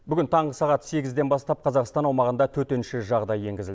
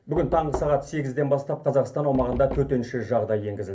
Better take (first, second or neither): first